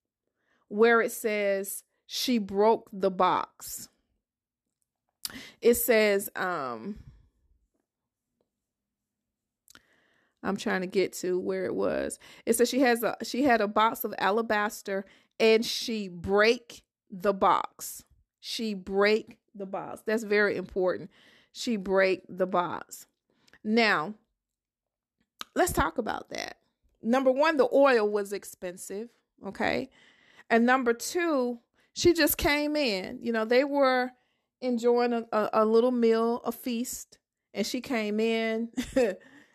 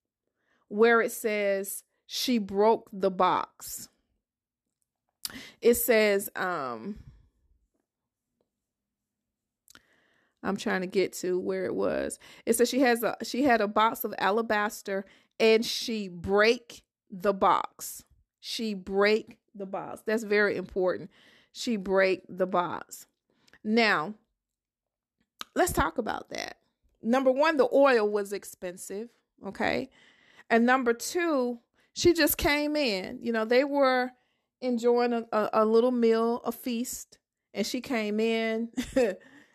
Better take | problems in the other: neither | none

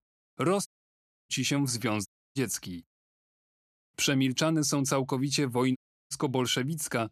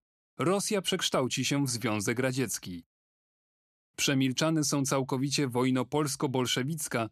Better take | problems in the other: second | audio cutting out; at 0.5 s for 0.5 s, at 2 s and at 6 s

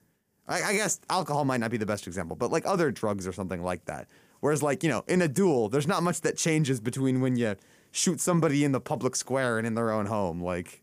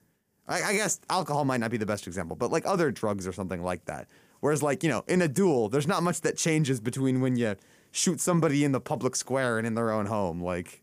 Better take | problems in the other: neither | none

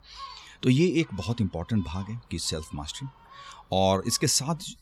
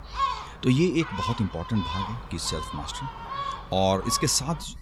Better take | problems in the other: first | animal sounds; loud; throughout; 8 dB below the speech; faint in the first

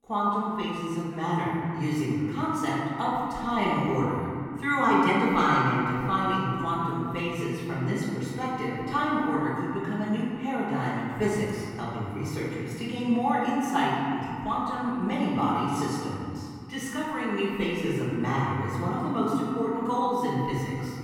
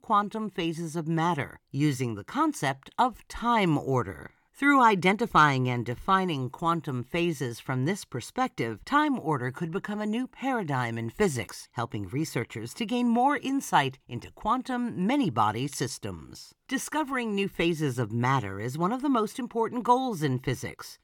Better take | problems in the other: second | room echo; strong; dies away in 2.3 s // off-mic speech; far

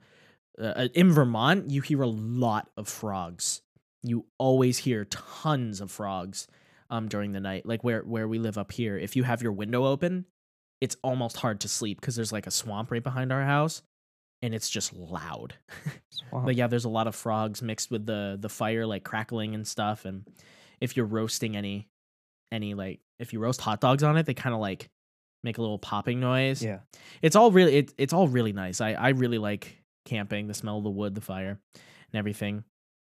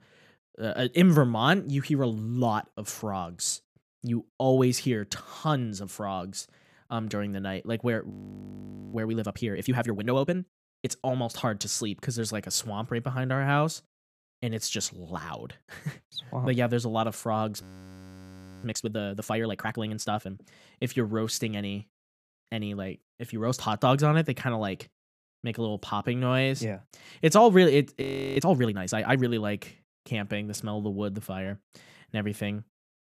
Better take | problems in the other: first | audio freezing; at 8 s for 1 s, at 18 s for 1 s and at 28 s

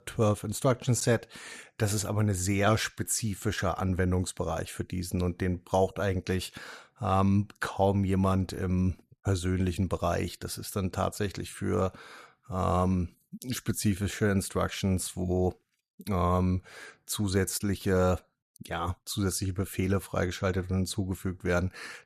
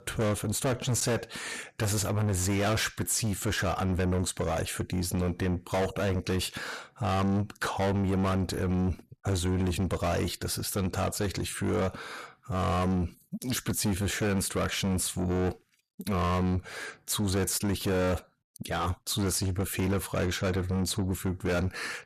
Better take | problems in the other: first | distortion; heavy; 7 dB below the speech

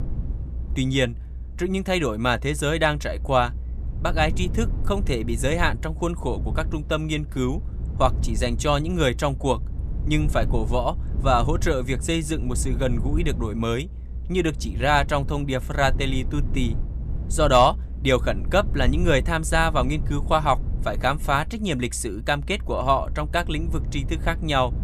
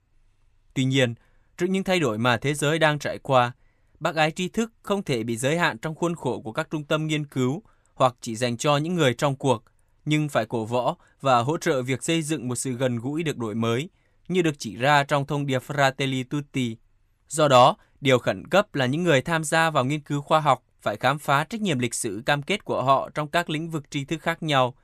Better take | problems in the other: second | low rumble; faint; throughout; 20 dB below the speech

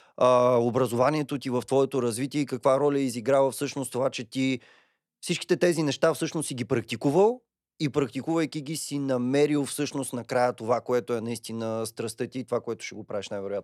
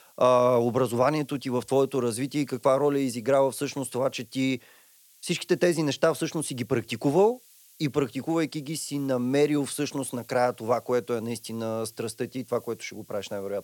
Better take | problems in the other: first | hiss; faint; throughout; 25 dB below the speech

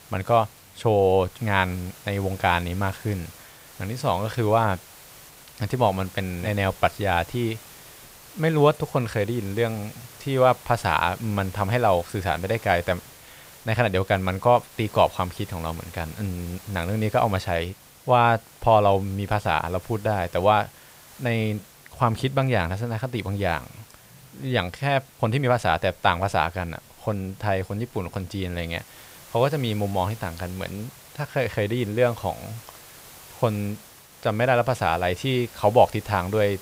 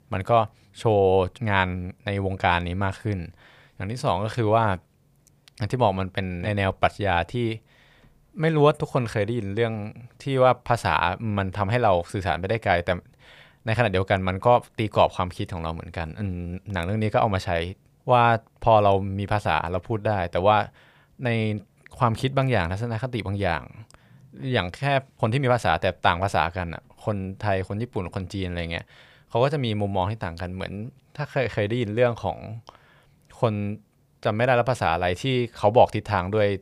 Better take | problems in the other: second | hiss; faint; throughout; 20 dB below the speech

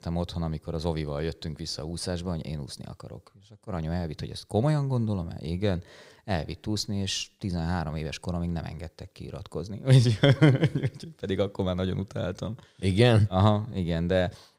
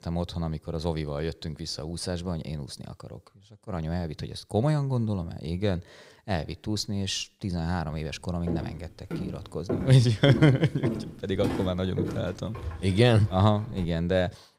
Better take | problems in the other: first | footsteps; noticeable; from 8.5 to 14 s; peak 3 dB below the speech

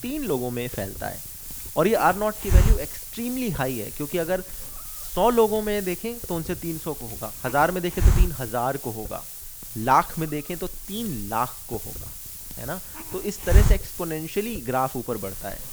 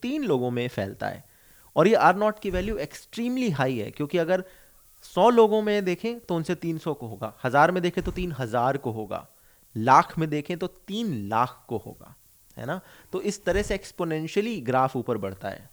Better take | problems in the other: second | hiss; loud; throughout; 2 dB below the speech; faint in the second

